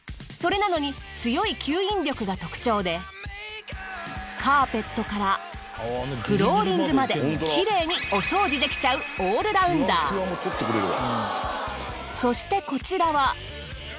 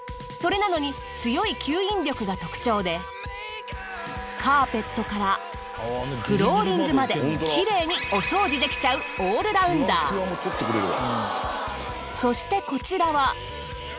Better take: first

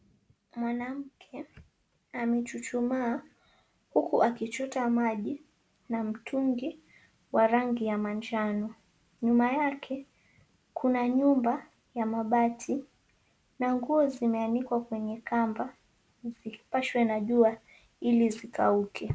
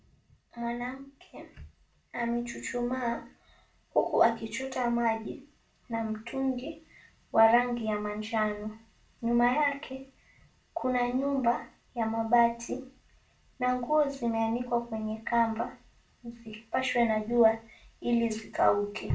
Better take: first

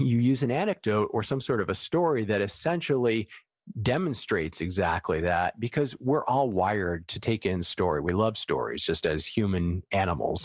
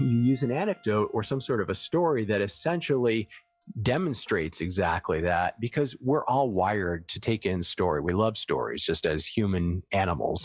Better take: first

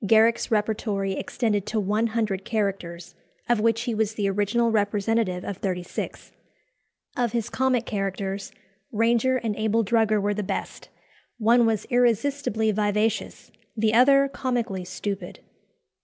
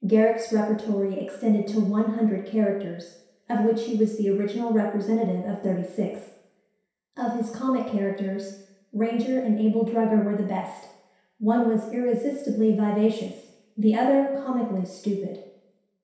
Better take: first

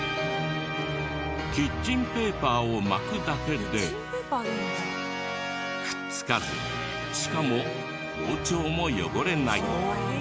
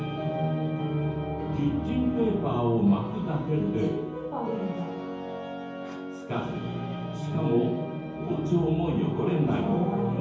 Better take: first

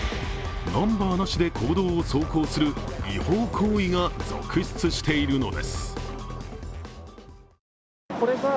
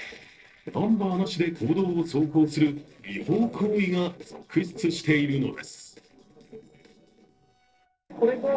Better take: first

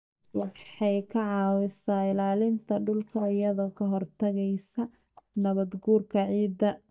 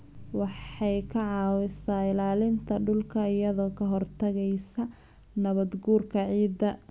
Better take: second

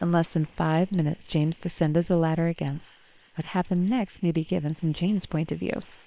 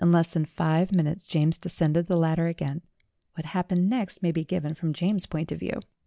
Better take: second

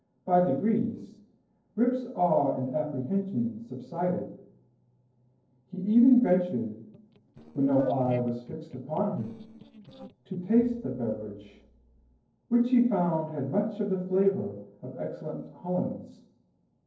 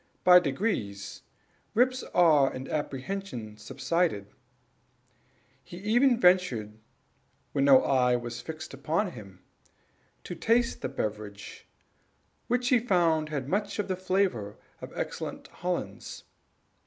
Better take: second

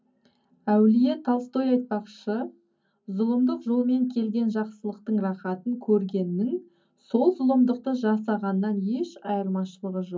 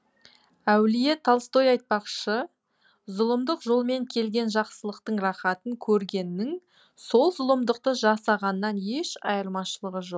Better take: second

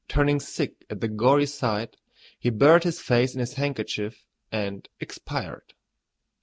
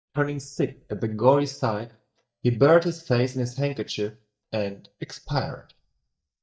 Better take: first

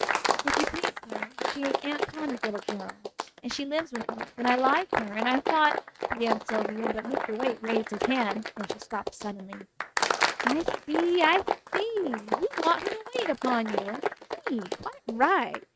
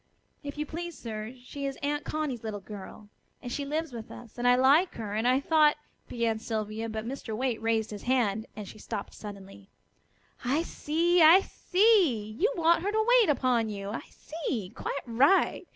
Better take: second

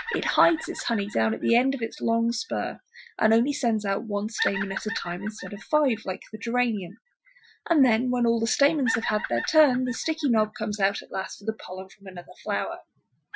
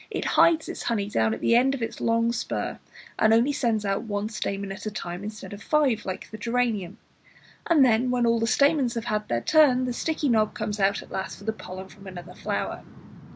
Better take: second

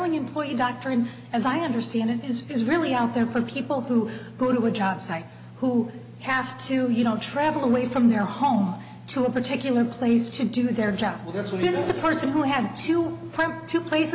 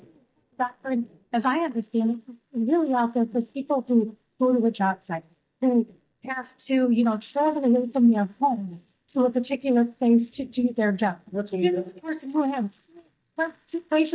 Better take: first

